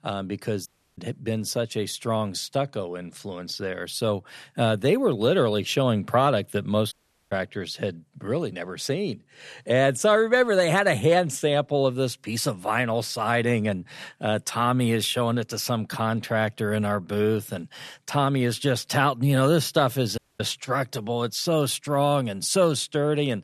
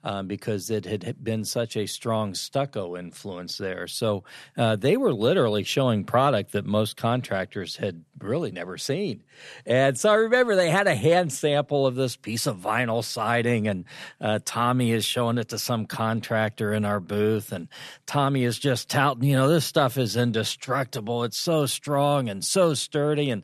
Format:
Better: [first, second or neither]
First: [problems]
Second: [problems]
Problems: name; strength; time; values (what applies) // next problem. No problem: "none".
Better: second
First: audio cutting out; at 0.5 s, at 7 s and at 20 s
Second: none